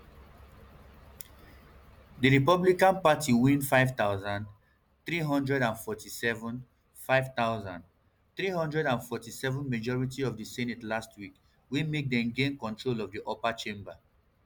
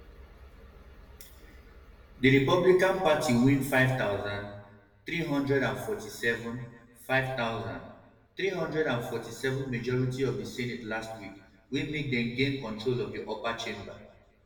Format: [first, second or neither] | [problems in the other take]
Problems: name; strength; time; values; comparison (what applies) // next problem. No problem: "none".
first | room echo; dies away in 0.8 s